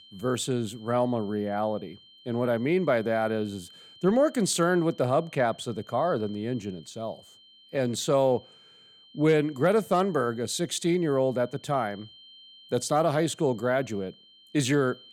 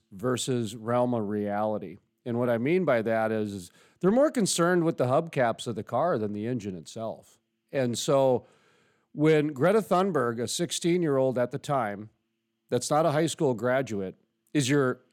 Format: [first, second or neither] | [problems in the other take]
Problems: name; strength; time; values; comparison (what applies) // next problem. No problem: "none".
second | high-pitched whine; faint; throughout; 3 kHz, 25 dB below the speech